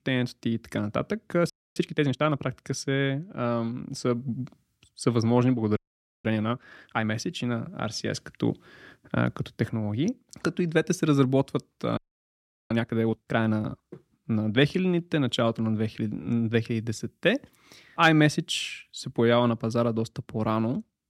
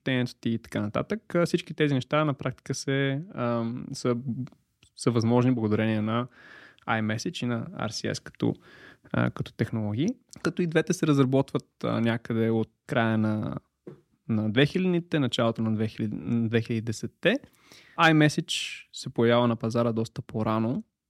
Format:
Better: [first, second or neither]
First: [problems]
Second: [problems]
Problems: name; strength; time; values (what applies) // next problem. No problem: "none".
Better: second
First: audio freezing; at 1.5 s, at 6 s and at 12 s for 0.5 s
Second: none